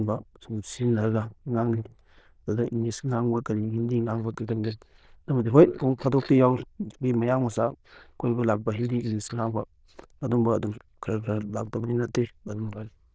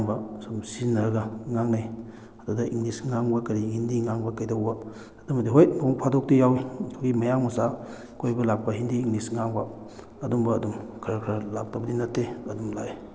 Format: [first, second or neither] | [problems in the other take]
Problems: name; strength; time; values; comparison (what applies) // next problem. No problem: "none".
second | noise reduction (neural diffusion model UNIVERSE++)